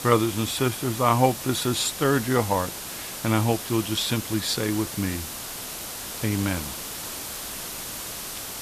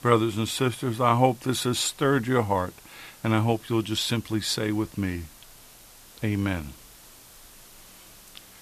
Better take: second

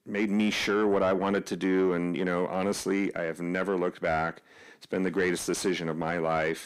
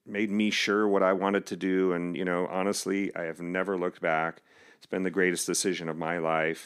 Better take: second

